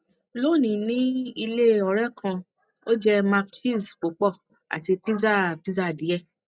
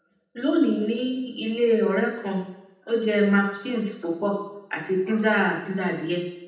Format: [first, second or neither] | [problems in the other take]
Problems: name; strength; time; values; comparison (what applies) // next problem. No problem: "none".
first | room echo; dies away in 0.8 s